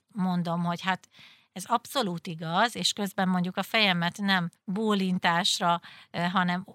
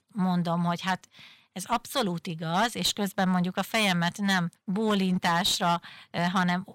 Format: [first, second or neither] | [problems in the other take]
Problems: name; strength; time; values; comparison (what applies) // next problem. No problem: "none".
first | distortion; slight; 8% of the sound clipped